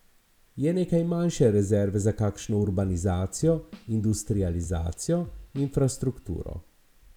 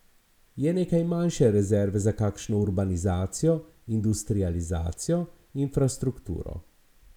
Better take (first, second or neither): second